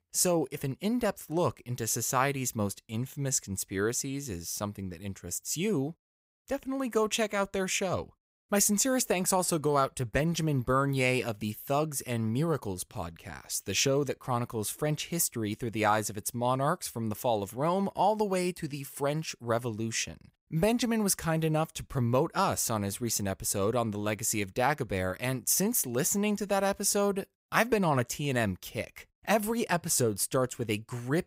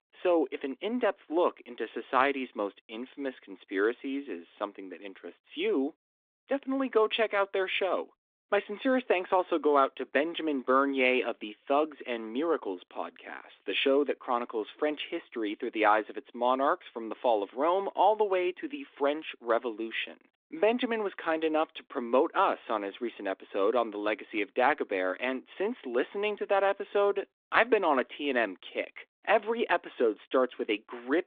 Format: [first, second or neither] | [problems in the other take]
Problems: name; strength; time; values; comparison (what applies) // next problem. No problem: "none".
first | phone-call audio